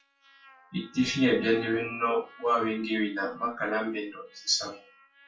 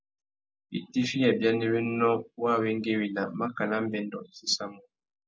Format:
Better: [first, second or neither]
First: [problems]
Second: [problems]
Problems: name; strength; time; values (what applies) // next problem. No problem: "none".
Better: second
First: noise reduction (classical method WPE with log-MMSE)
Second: none